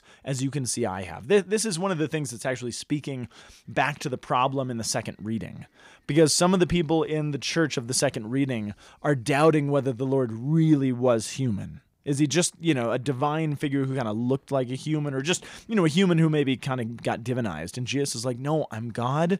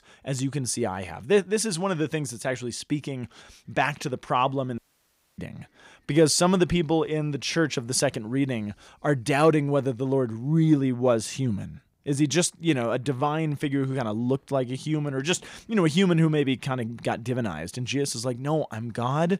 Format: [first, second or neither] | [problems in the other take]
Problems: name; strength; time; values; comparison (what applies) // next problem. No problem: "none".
first | audio cutting out; at 5 s for 0.5 s